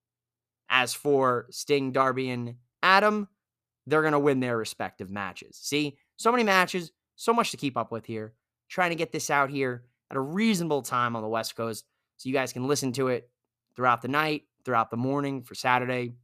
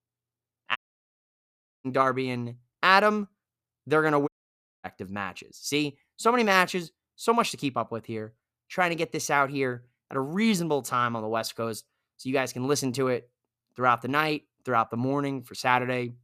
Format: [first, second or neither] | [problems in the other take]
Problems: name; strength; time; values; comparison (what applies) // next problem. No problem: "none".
first | audio cutting out; at 1 s for 1 s and at 4.5 s for 0.5 s